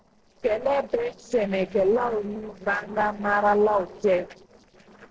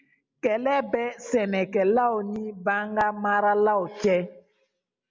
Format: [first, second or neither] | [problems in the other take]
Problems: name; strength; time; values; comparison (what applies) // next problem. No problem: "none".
second | noise reduction (neural separator model SepFormer DNS4)